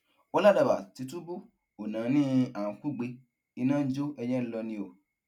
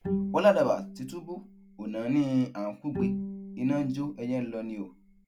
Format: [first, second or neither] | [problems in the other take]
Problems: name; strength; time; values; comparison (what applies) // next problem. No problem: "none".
first | background sound (Bowed string instrument); 7 dB below the speech